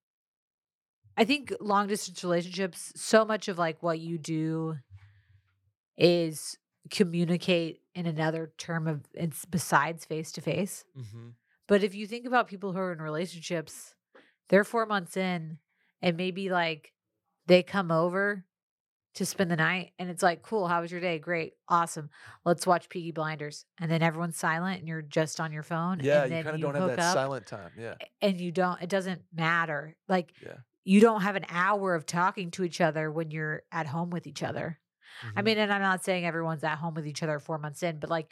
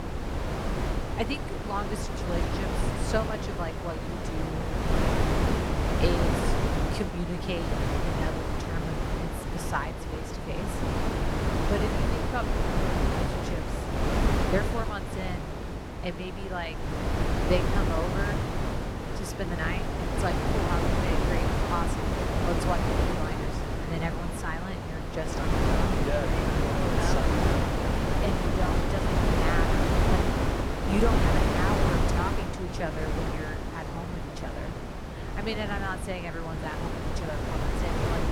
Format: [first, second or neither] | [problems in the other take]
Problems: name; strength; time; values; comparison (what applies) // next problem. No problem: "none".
first | wind noise on the microphone; heavy; 3 dB above the speech